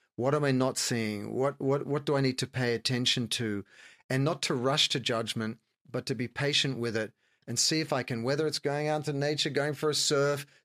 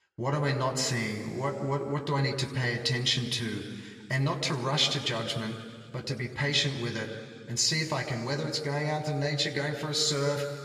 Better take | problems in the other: first | room echo; slight; dies away in 2 s // off-mic speech; somewhat distant

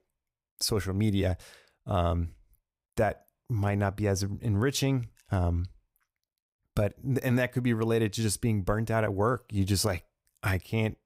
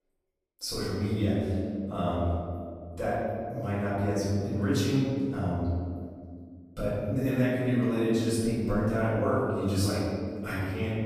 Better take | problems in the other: first | room echo; strong; dies away in 2.3 s // off-mic speech; far

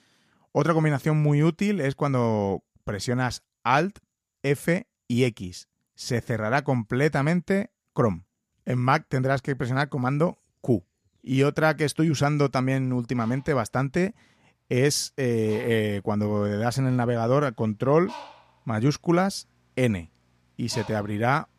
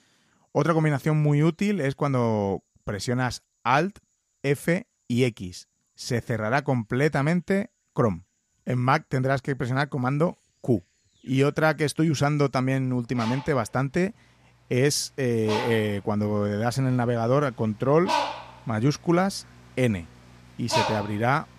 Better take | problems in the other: first | animal sounds; loud; throughout; 5 dB below the speech; faint in the first

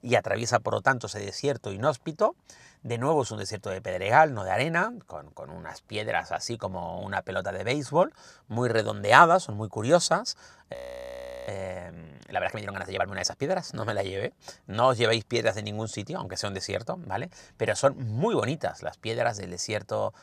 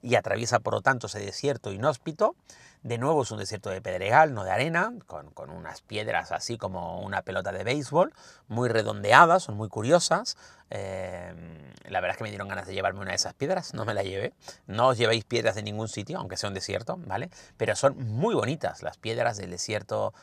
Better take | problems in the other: second | audio freezing; at 11 s for 0.5 s

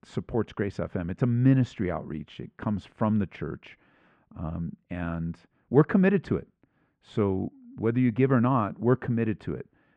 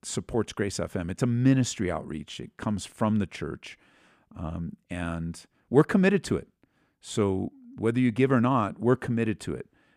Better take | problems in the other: second | muffled; very; fading above 2 kHz

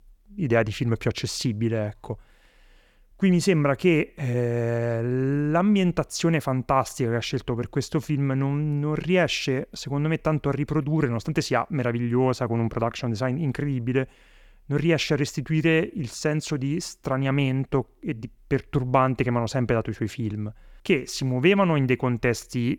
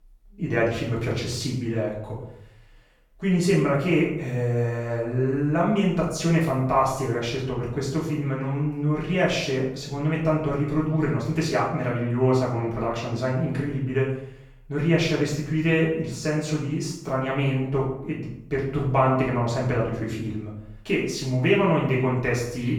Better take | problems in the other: first | room echo; noticeable; dies away in 0.6 s // off-mic speech; far

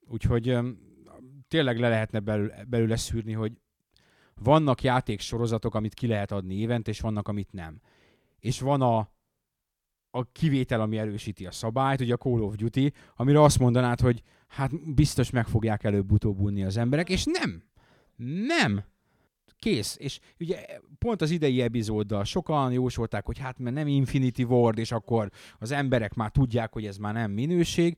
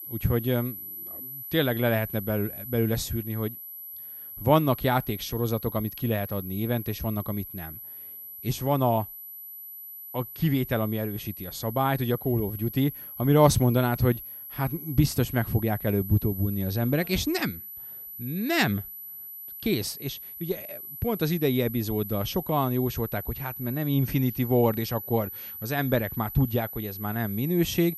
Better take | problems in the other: first | high-pitched whine; loud; throughout; 12 kHz, 10 dB below the speech

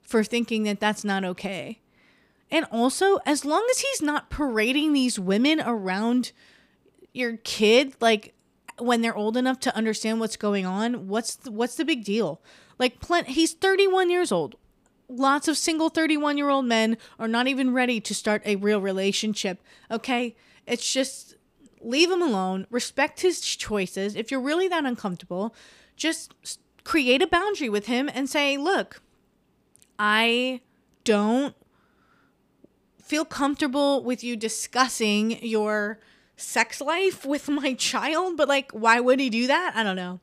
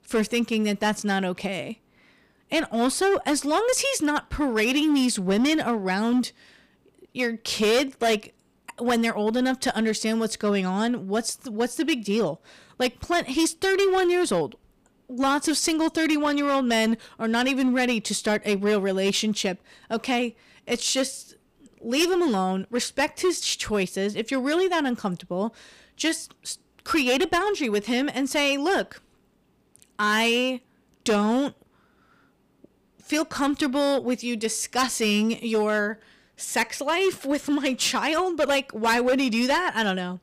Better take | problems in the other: first | distortion; slight; 8% of the sound clipped

